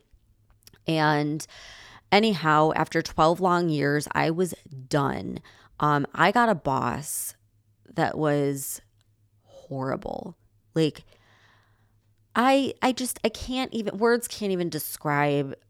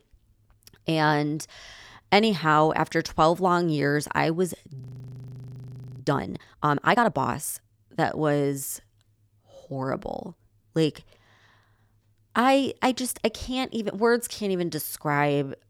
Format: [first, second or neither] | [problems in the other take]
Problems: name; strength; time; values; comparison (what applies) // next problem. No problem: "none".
first | audio freezing; at 5 s for 1 s